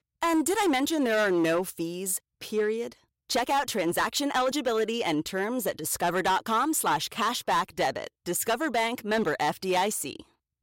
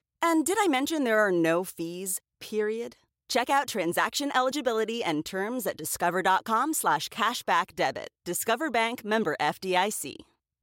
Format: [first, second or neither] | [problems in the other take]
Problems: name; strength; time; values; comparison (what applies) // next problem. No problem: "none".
second | distortion; slight; 8% of the sound clipped